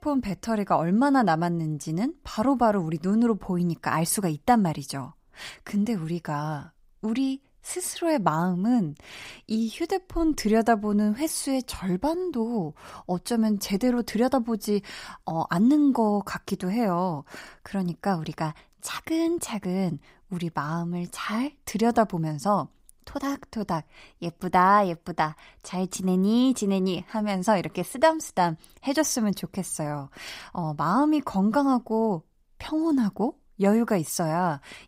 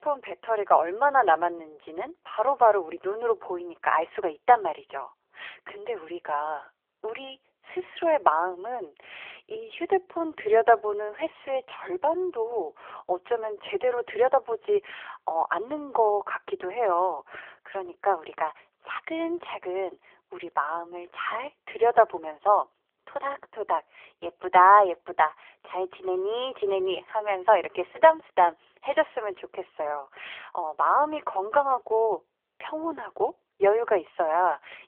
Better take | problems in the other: first | phone-call audio; poor line; nothing above 3.5 kHz

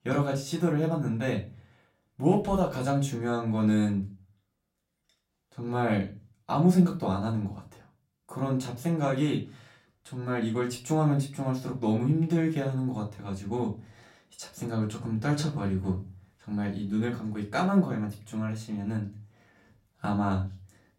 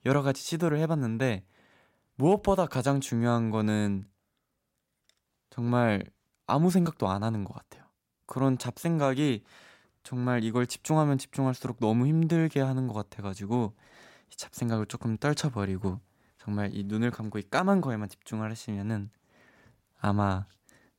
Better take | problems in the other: second | off-mic speech; far // room echo; very slight; dies away in 0.3 s

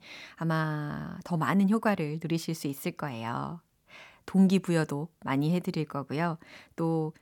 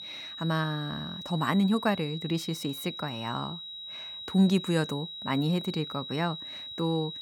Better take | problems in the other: first | high-pitched whine; loud; throughout; 4 kHz, 8 dB below the speech

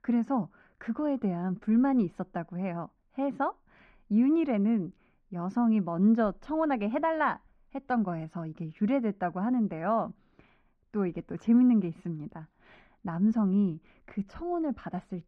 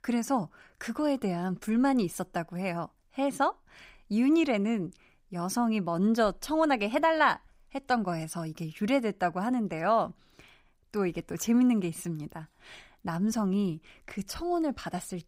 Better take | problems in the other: second | muffled; very; fading above 2 kHz

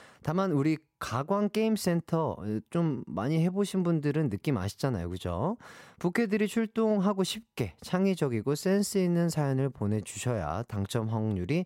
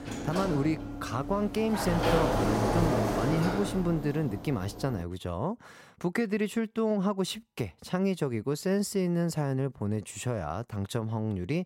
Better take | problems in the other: first | door banging; loud; until 5 s; peak 4 dB above the speech

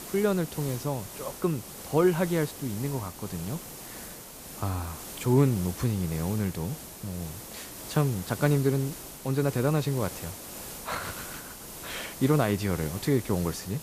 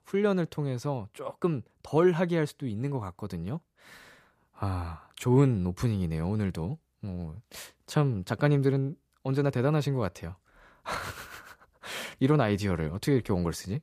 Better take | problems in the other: second | hiss; noticeable; throughout; 10 dB below the speech

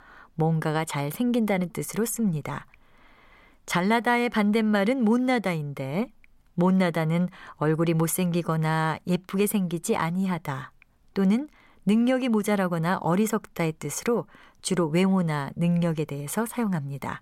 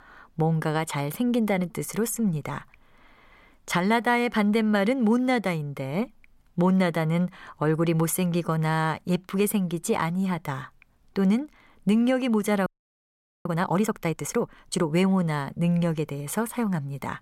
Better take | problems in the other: first | audio freezing; at 13 s for 1 s

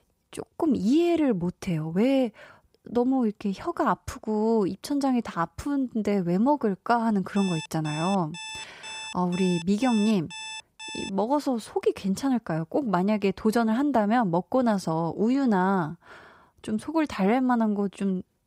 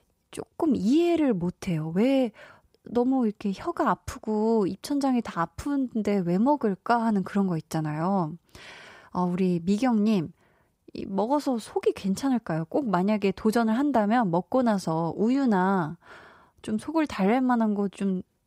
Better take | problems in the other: second | alarm; faint; from 7.5 to 11 s; peak 10 dB below the speech

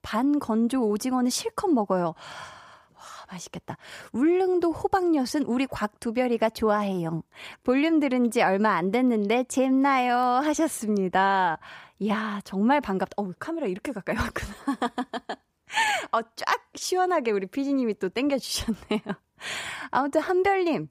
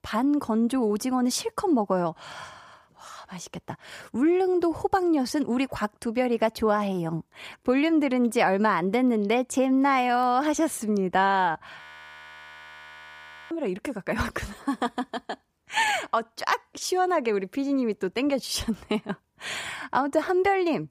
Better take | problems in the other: first | audio freezing; at 12 s for 1.5 s

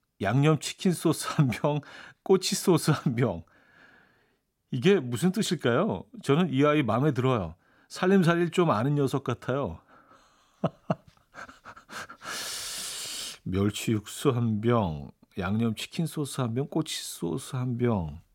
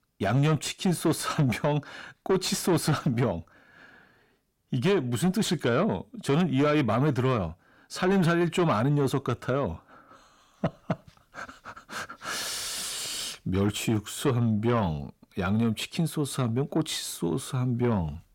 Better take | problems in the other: first | distortion; slight; 10 dB below the speech

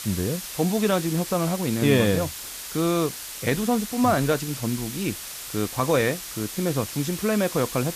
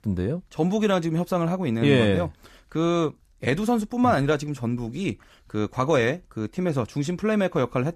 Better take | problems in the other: second | hiss; loud; throughout; 8 dB below the speech

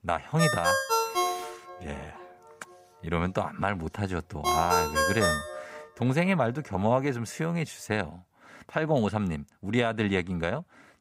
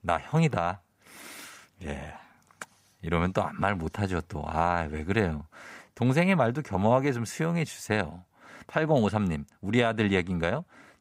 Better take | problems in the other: second | phone ringing; loud; until 6 s; peak 4 dB above the speech

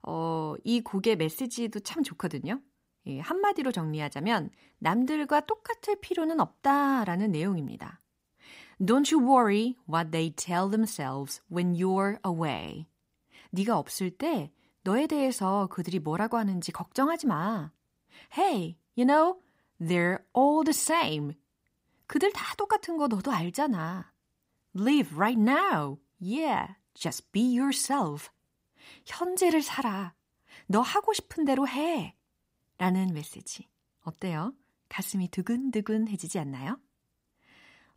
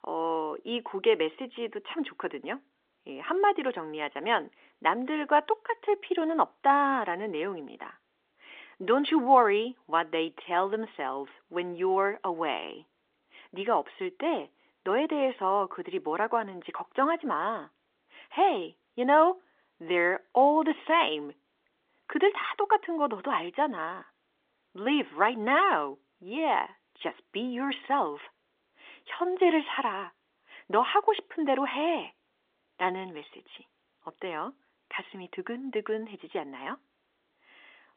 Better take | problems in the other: first | phone-call audio

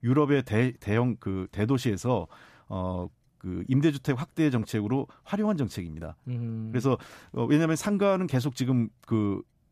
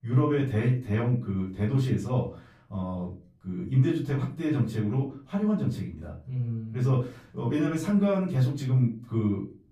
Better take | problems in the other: first | off-mic speech; far // room echo; slight; dies away in 0.3 s

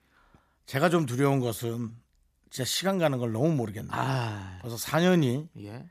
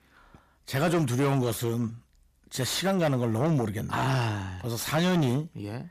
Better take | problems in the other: first | distortion; heavy; 7 dB below the speech

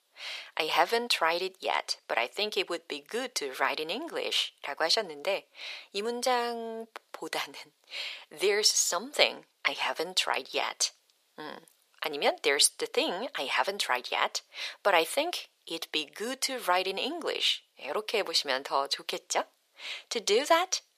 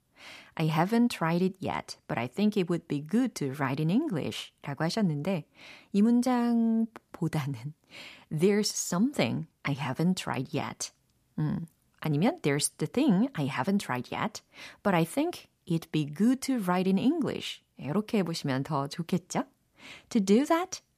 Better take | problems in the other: second | thin; very; fading below 500 Hz

